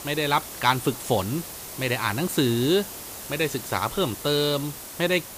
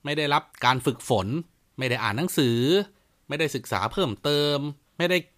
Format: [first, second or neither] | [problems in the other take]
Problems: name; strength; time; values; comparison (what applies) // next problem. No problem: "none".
second | hiss; noticeable; throughout; 10 dB below the speech